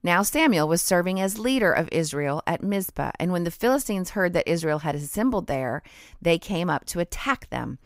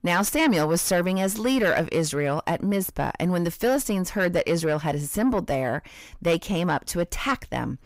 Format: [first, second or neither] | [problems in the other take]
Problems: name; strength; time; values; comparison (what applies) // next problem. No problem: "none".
first | distortion; slight; 10 dB below the speech